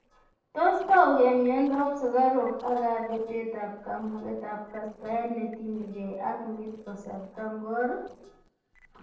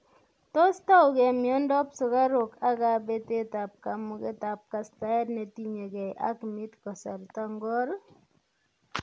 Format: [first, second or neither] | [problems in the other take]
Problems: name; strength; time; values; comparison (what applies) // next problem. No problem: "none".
second | noise reduction (neural separator model SepFormer DNS4)